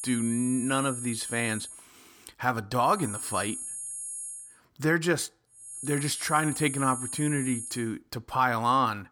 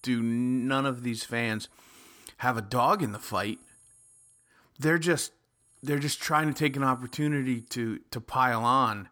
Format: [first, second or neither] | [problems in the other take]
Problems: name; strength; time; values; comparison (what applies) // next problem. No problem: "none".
second | high-pitched whine; loud; until 1.5 s, from 3 to 4.5 s and from 5.5 to 8 s; 10.5 kHz, 6 dB below the speech; faint in the second